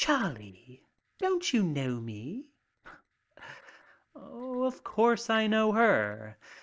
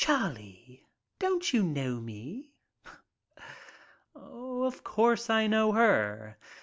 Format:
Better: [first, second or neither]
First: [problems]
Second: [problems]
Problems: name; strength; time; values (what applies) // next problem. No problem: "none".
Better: second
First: noise reduction (neural separator model SepFormer DNS4)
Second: none